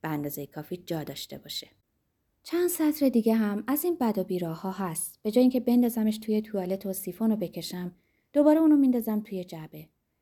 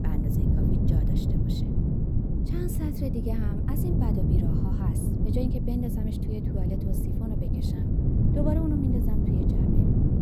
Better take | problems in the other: first | wind noise on the microphone; heavy; 2 dB above the speech

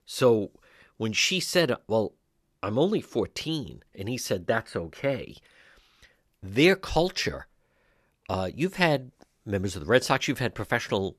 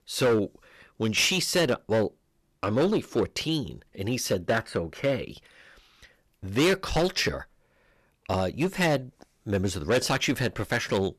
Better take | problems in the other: first | distortion; heavy; 6% of the sound clipped

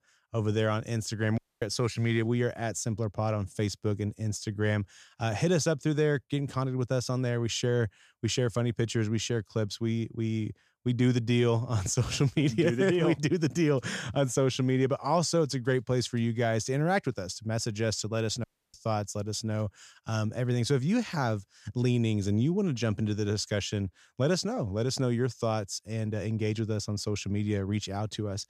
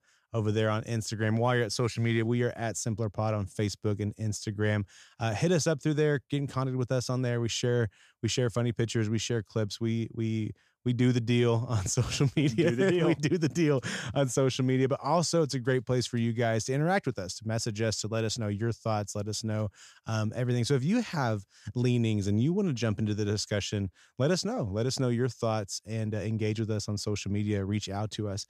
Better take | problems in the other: second | audio cutting out; at 1.5 s and at 18 s

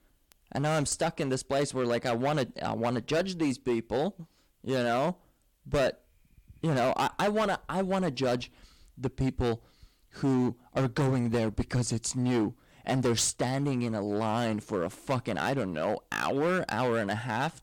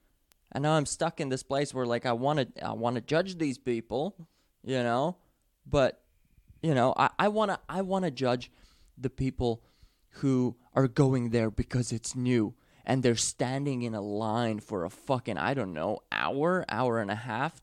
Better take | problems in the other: second | distortion; heavy; 11% of the sound clipped

